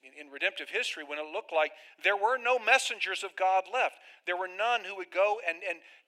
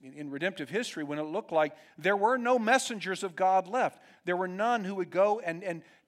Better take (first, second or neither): second